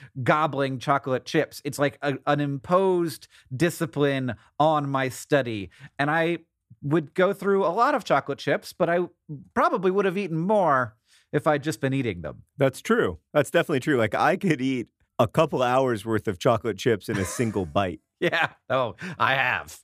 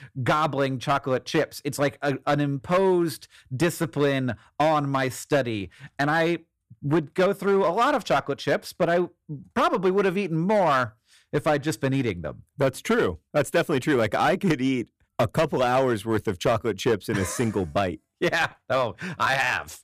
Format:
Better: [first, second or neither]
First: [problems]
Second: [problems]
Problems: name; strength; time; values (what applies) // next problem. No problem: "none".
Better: first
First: none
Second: distortion; slight; 5% of the sound clipped